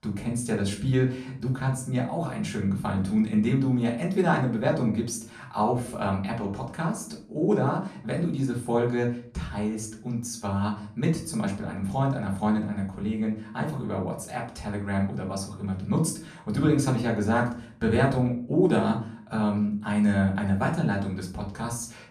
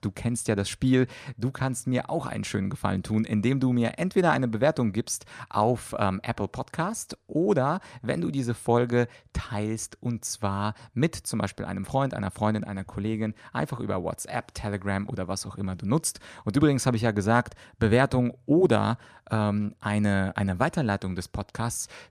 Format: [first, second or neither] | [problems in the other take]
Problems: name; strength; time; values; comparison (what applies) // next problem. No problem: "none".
second | room echo; slight; dies away in 0.4 s // off-mic speech; far